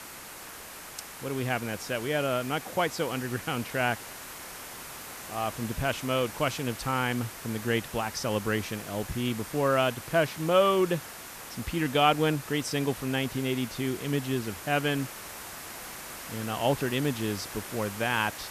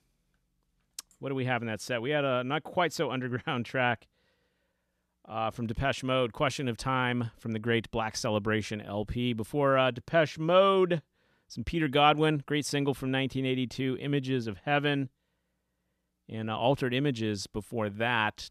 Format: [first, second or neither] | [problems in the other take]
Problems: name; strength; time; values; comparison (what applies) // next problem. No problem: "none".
second | hiss; noticeable; throughout; 10 dB below the speech